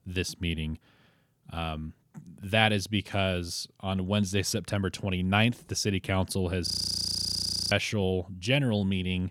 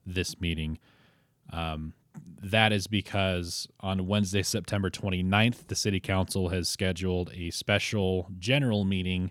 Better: second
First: audio freezing; at 6.5 s for 1 s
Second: none

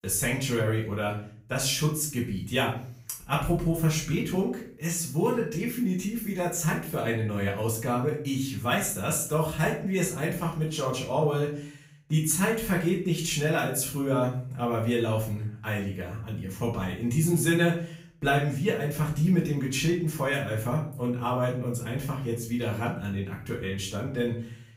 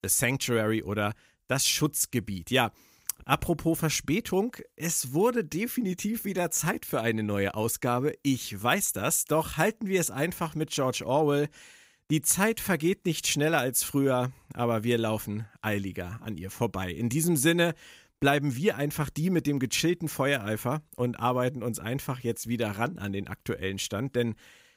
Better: second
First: off-mic speech; far // room echo; slight; dies away in 0.5 s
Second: none

